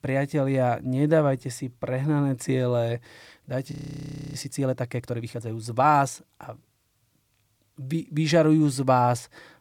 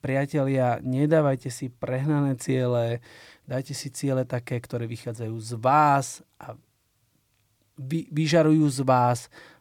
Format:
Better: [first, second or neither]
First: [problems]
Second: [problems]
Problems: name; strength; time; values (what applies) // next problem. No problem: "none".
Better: second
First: audio freezing; at 3.5 s for 0.5 s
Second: none